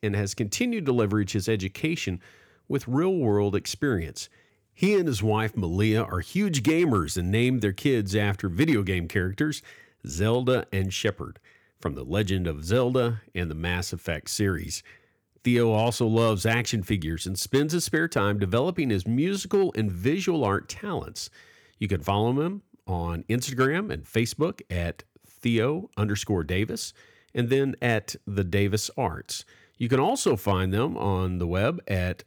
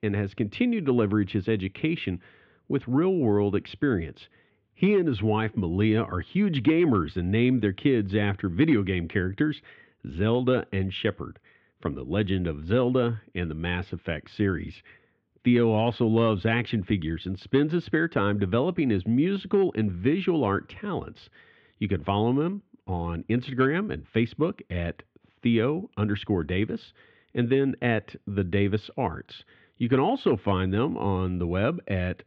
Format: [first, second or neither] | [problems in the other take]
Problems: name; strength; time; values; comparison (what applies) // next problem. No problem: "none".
first | muffled; very; fading above 3.5 kHz